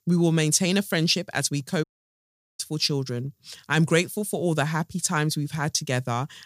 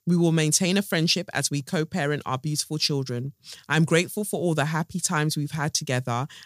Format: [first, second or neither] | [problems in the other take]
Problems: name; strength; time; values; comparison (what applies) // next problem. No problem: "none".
second | audio cutting out; at 2 s for 0.5 s